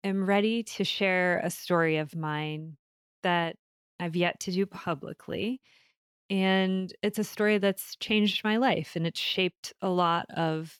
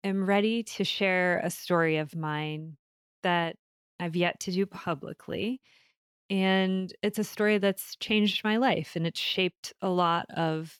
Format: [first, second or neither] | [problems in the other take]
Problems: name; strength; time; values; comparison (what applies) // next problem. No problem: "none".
neither | none